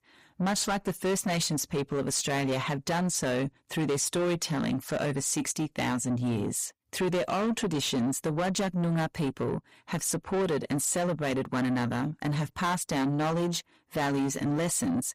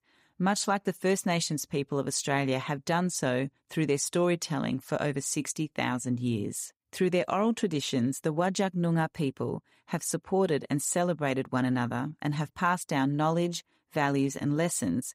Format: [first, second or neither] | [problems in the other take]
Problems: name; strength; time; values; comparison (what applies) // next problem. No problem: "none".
second | distortion; heavy; 8 dB below the speech